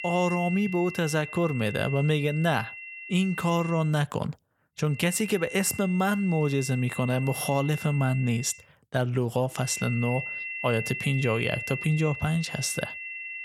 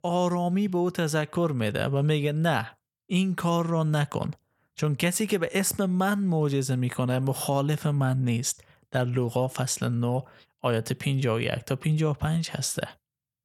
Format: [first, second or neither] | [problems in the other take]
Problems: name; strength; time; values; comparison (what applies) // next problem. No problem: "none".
second | high-pitched whine; loud; until 4 s, from 5 to 8.5 s and from 9.5 s on; 2.5 kHz, 9 dB below the speech